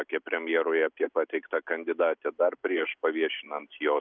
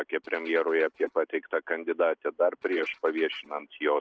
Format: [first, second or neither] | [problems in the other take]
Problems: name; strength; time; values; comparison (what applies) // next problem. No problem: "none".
first | noise reduction (neural separator model SepFormer DNS4)